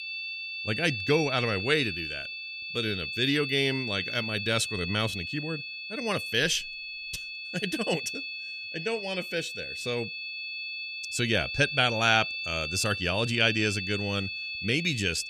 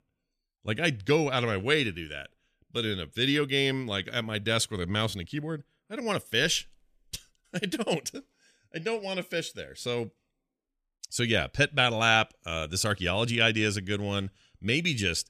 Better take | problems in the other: second | high-pitched whine; loud; throughout; 2.5 kHz, 5 dB below the speech

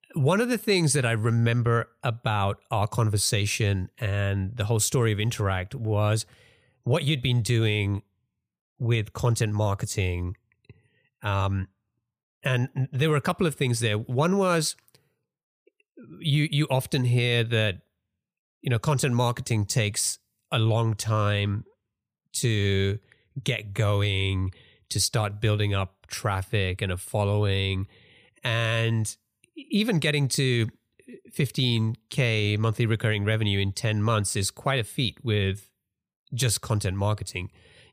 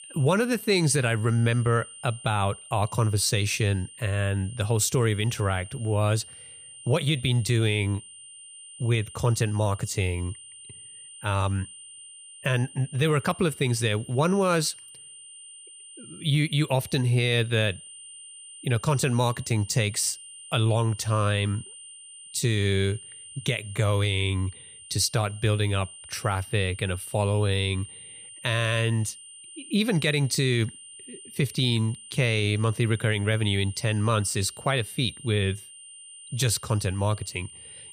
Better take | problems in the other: first | high-pitched whine; noticeable; throughout; 9 kHz, 15 dB below the speech

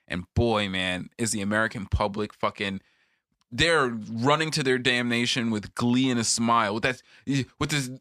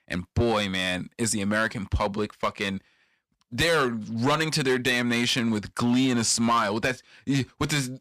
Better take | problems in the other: first | distortion; slight; 5% of the sound clipped

